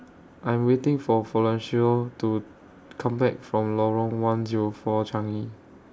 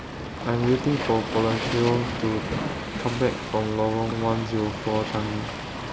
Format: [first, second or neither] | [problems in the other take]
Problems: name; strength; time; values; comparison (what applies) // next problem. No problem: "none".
first | background sound (Waves, surf); 5 dB below the speech